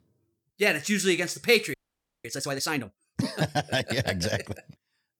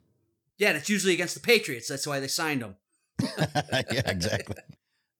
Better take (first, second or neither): second